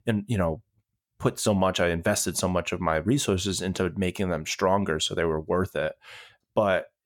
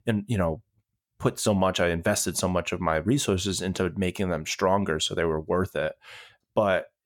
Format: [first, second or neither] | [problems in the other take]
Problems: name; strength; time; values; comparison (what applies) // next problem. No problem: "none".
neither | none